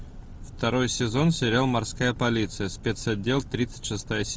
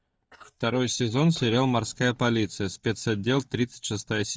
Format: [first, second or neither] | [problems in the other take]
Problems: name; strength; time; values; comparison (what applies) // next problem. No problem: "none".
first | noise reduction (neural mask model DeepFilterNet 3)